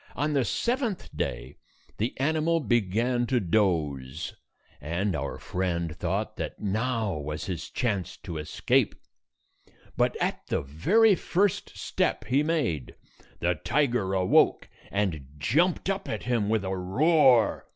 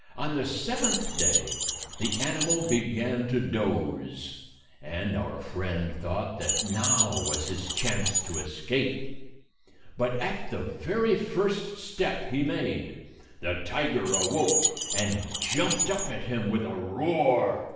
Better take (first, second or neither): first